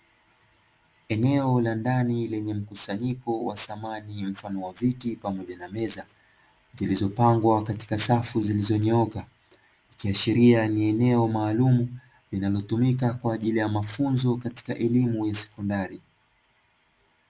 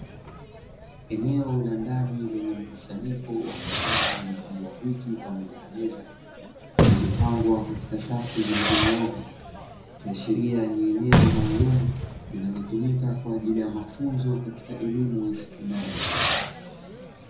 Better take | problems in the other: first | background sound (Fireworks); 1 dB below the speech // room echo; dies away in 0.5 s

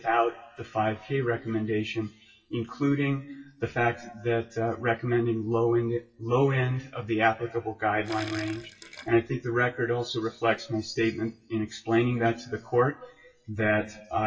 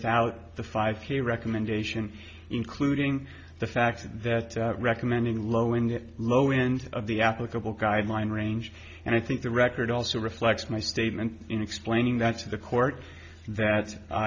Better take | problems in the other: second | noise reduction (classical method WPE with log-MMSE)

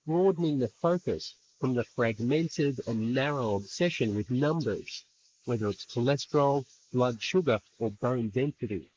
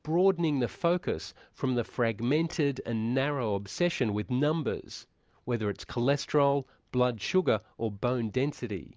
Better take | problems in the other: second | noise reduction (neural mask model Resemble Enhance denoiser)

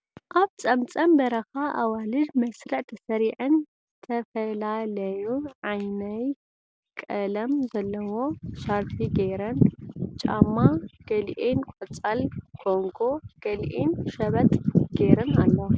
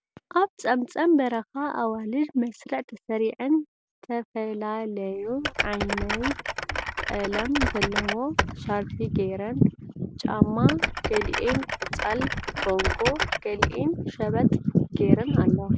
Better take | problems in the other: first | background sound (Typing); 3 dB below the speech

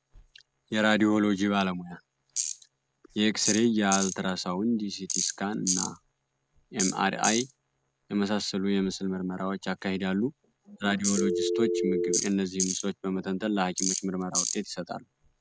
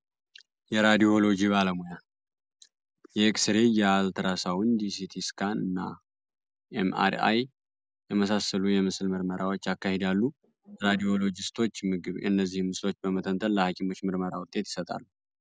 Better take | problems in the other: second | background sound (Tools + Telephone); 5 dB below the speech

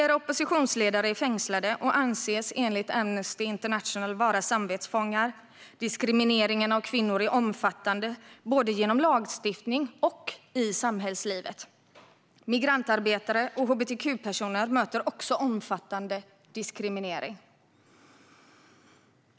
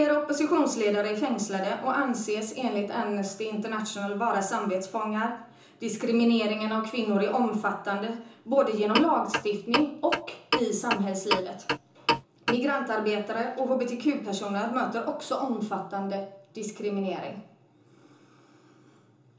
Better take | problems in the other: first | background sound (Clock); 2 dB below the speech // room echo; dies away in 0.6 s

